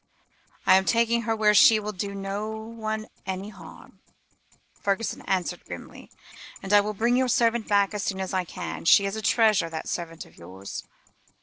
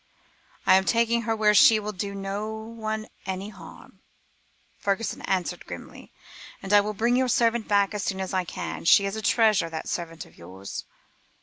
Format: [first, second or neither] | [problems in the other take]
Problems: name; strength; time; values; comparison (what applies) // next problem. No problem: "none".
second | noise reduction (neural separator model SepFormer DNS4)